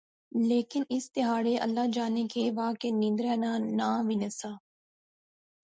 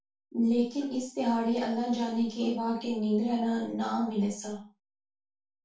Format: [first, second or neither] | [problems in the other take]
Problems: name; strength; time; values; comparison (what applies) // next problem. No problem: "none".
first | room echo; dies away in 0.3 s